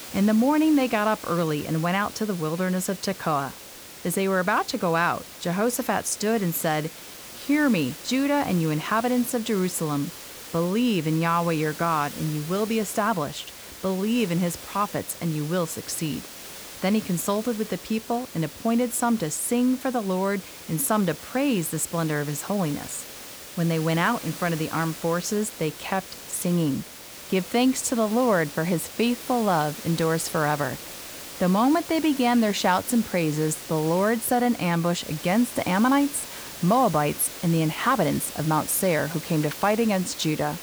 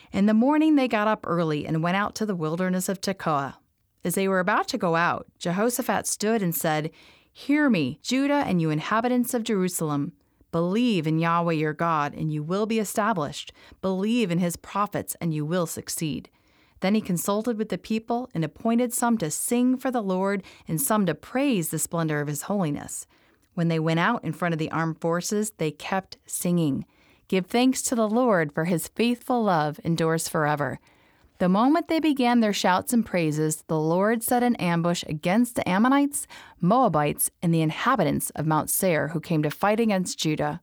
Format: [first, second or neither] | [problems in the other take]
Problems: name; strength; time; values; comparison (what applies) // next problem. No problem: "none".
second | hiss; noticeable; throughout; 15 dB below the speech